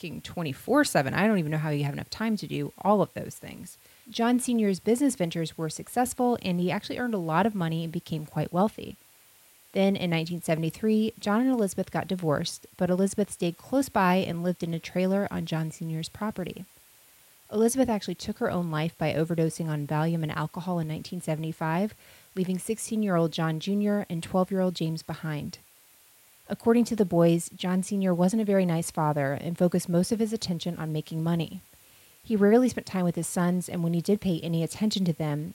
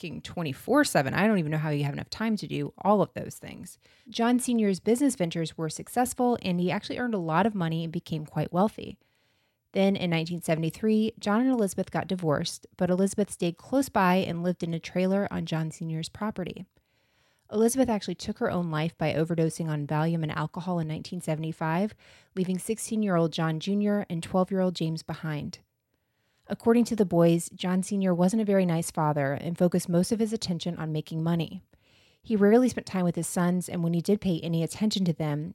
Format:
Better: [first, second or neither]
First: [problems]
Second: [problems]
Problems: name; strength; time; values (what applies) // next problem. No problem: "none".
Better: second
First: hiss; faint; throughout; 25 dB below the speech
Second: none